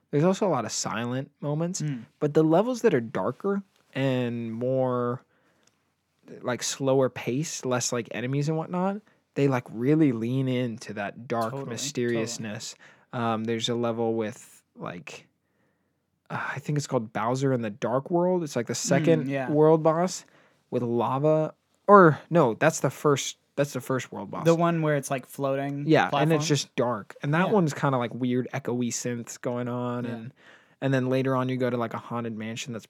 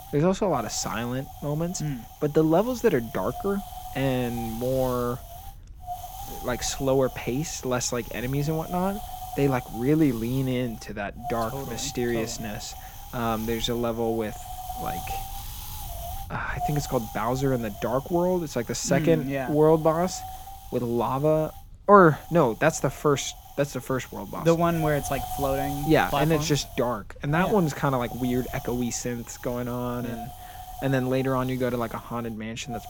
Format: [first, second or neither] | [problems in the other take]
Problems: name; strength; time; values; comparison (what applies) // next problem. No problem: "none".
first | wind noise on the microphone; occasional gusts; 15 dB below the speech